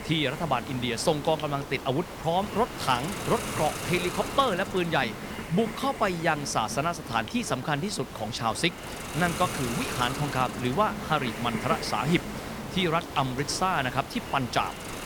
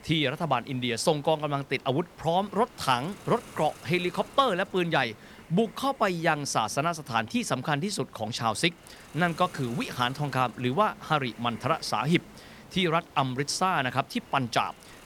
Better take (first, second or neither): second